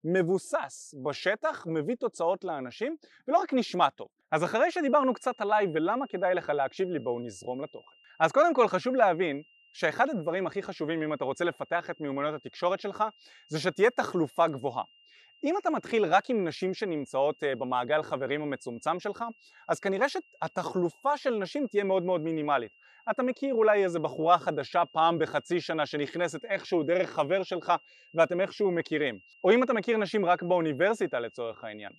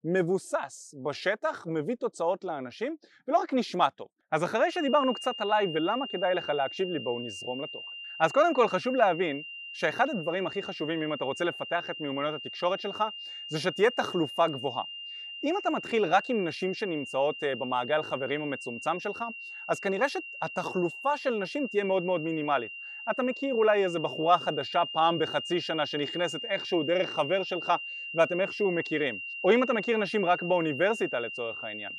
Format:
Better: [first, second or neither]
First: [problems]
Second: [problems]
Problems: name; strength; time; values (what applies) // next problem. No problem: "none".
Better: first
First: high-pitched whine; faint; from 4.5 s on; 3 kHz, 30 dB below the speech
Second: high-pitched whine; loud; from 4.5 s on; 3 kHz, 8 dB below the speech